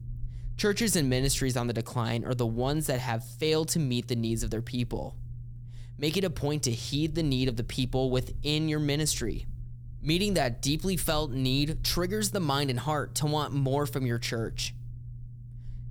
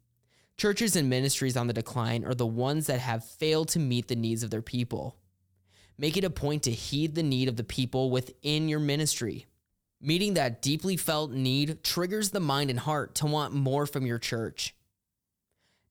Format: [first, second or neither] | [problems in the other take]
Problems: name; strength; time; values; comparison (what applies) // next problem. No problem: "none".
second | low rumble; faint; throughout; 25 dB below the speech